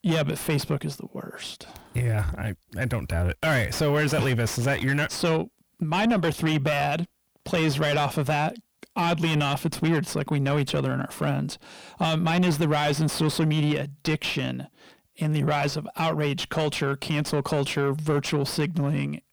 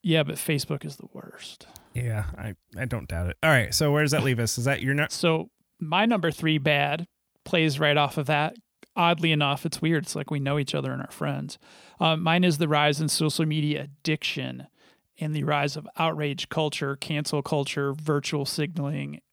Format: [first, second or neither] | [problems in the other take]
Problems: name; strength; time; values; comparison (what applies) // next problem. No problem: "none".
second | distortion; heavy; 6 dB below the speech